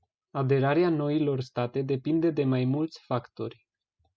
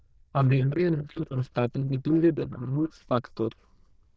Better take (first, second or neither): first